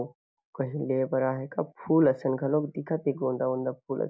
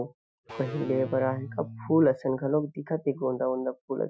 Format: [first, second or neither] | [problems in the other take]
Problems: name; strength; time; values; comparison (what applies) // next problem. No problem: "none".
first | noise reduction (classical method Wiener filter)